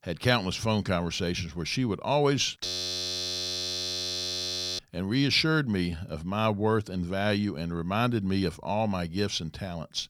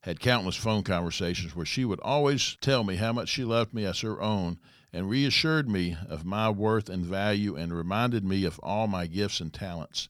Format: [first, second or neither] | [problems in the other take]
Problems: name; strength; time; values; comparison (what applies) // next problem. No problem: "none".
second | audio freezing; at 2.5 s for 2 s